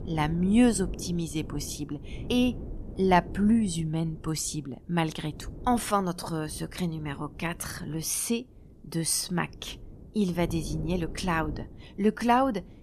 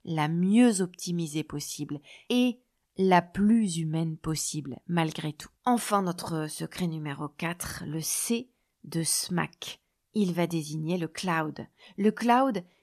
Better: second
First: wind noise on the microphone; occasional gusts; 20 dB below the speech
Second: none

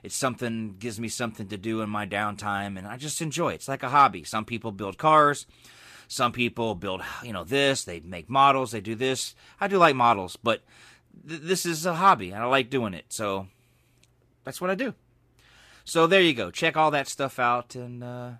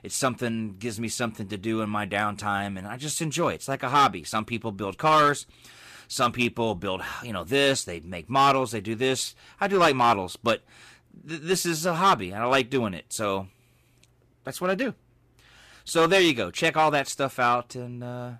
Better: first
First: none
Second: distortion; slight; 2% of the sound clipped

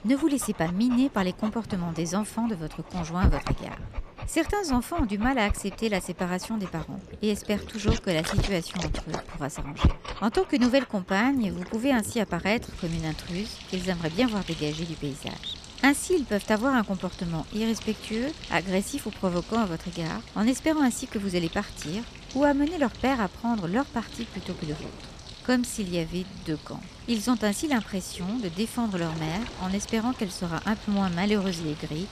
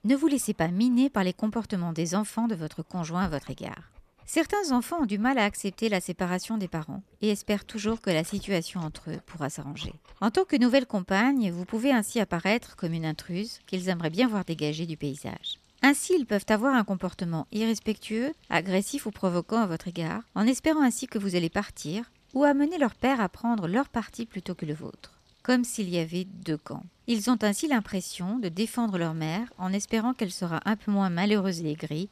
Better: second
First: animal sounds; loud; throughout; 10 dB below the speech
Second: animal sounds; faint; throughout; 30 dB below the speech

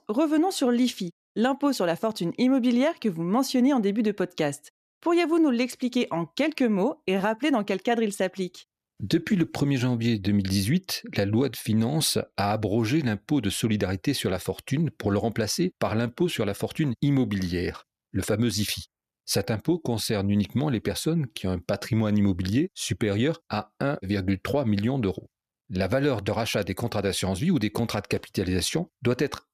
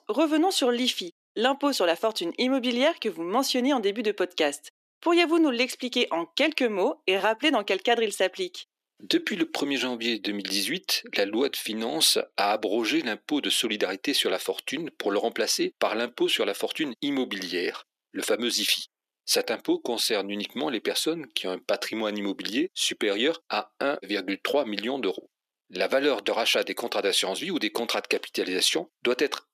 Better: first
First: none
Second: thin; somewhat; fading below 300 Hz

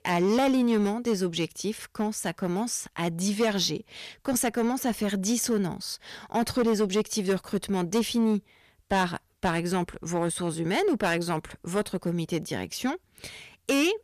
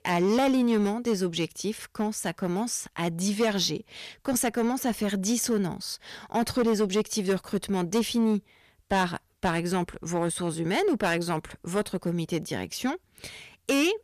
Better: neither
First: distortion; slight; 5% of the sound clipped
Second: distortion; slight; 5% of the sound clipped

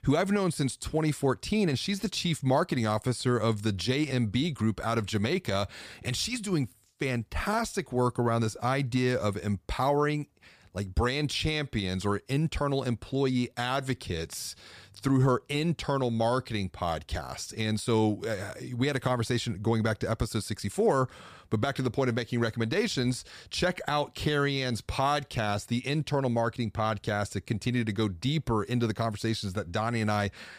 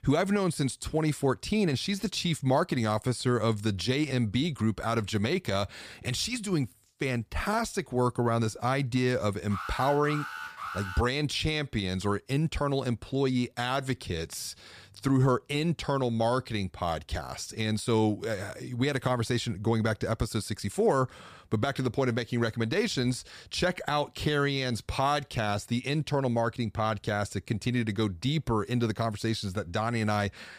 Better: first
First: none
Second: alarm; noticeable; from 9.5 to 11 s; peak 7 dB below the speech

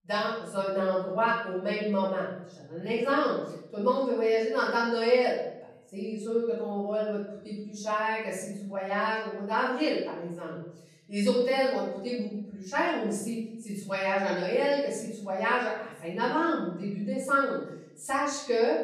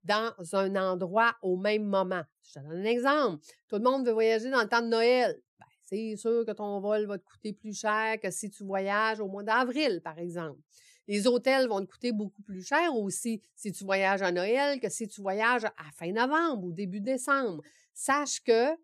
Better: second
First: off-mic speech; far // room echo; noticeable; dies away in 0.8 s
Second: none

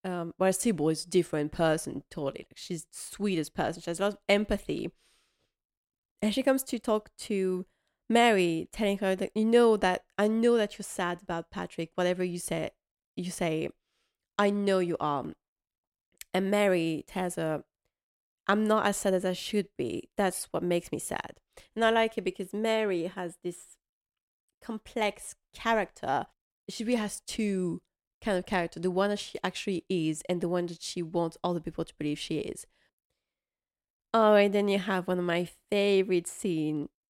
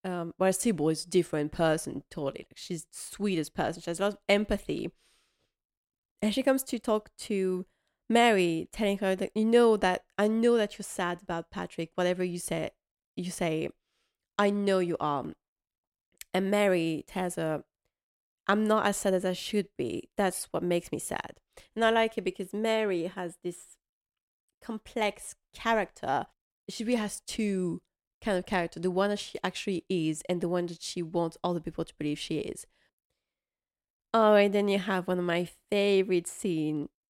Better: neither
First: none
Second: none

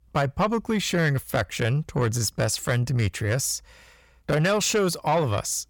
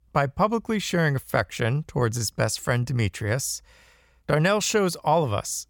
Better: second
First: distortion; slight; 10 dB below the speech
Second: none

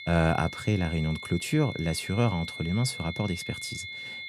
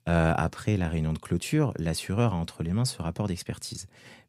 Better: second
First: high-pitched whine; loud; throughout; 2 kHz, 9 dB below the speech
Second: none

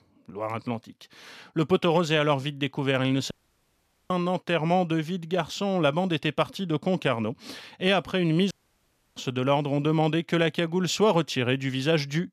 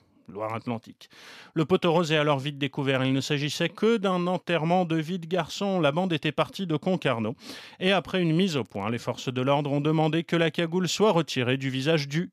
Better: second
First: audio cutting out; at 3.5 s for 1 s and at 8.5 s for 0.5 s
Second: none

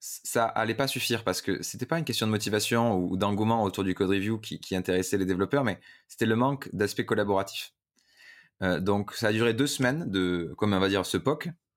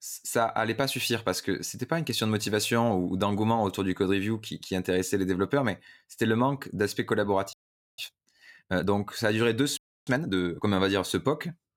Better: first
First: none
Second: audio freezing; at 7.5 s and at 10 s

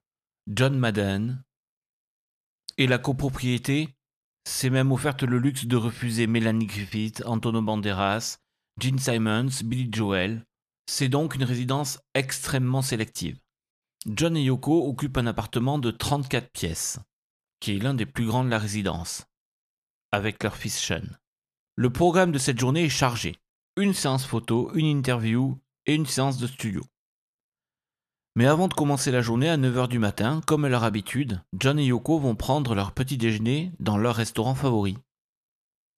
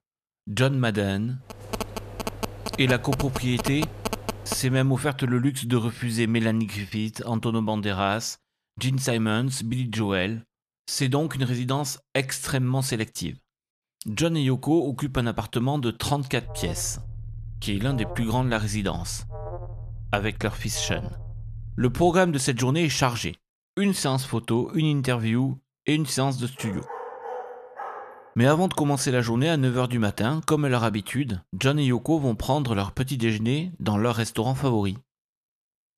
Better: first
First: none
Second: phone ringing; noticeable; from 1.5 to 5 s; peak 6 dB below the speech // alarm; faint; from 16 to 22 s; peak 10 dB below the speech // dog barking; faint; from 27 to 28 s; peak 10 dB below the speech

